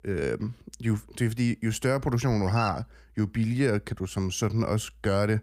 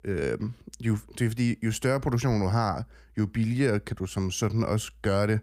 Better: second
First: dog barking; noticeable; at 2.5 s; peak 7 dB below the speech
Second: none

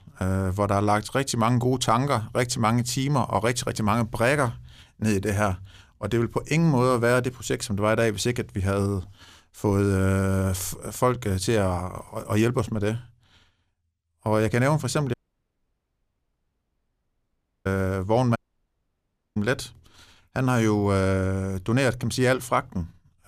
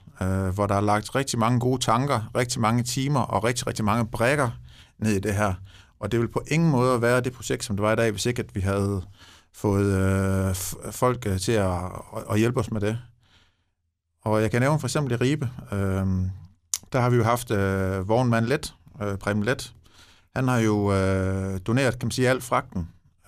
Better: second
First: audio cutting out; at 15 s for 2.5 s and at 18 s for 1 s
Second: none

